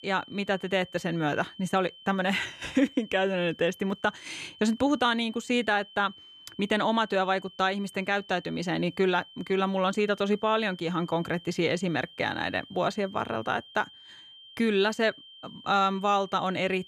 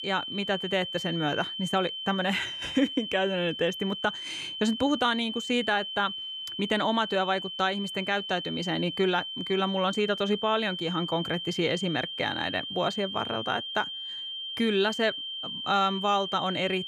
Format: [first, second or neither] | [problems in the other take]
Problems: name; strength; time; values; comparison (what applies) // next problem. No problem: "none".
first | high-pitched whine; loud; throughout; 3 kHz, 5 dB below the speech; faint in the first